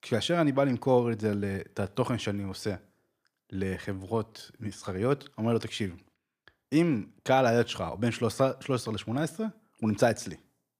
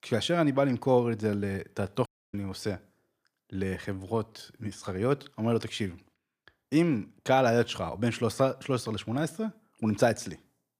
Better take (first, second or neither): first